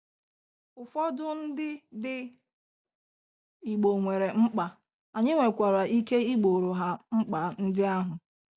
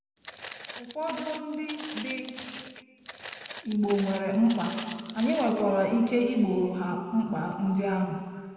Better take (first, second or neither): first